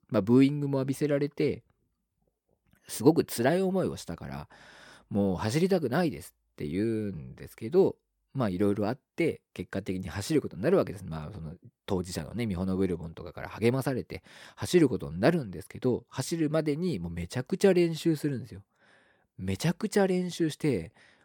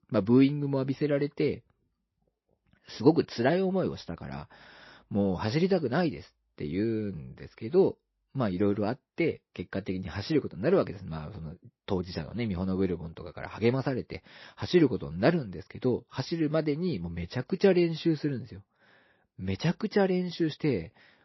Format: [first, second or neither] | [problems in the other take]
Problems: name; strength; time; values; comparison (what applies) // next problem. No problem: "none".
first | garbled, watery; slightly; nothing above 5.5 kHz